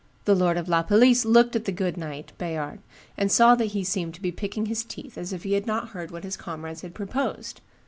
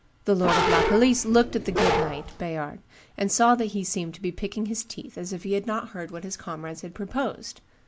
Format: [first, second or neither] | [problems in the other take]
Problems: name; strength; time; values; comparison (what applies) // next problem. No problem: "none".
first | background sound (Bark); 1 dB above the speech